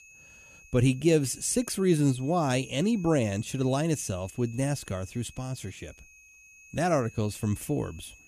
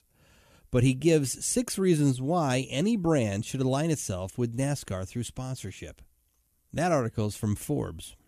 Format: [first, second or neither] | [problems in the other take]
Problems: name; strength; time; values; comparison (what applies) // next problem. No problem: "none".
second | high-pitched whine; faint; throughout; 2.5 kHz, 25 dB below the speech